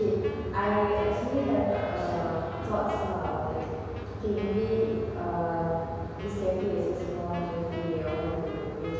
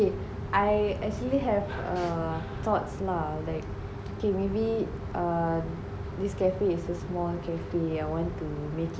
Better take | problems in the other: second | background sound (Wind instrument, woodwind instrument); 17 dB below the speech // room echo; dies away in 1.9 s

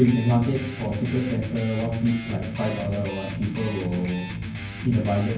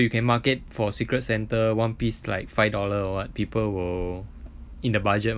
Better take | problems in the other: second | background sound (Electric guitar); 8 dB below the speech // room echo; dies away in 0.9 s

